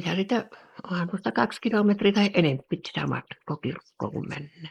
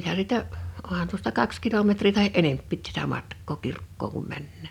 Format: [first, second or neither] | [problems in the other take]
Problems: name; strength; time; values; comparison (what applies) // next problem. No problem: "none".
second | noise reduction (neural mask model Resemble Enhance denoiser)